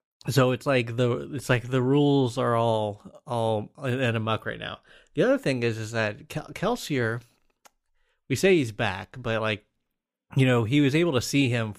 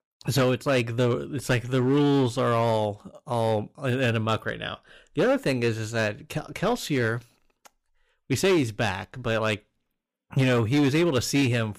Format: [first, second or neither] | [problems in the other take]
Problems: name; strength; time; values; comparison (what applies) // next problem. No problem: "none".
first | distortion; slight; 8% of the sound clipped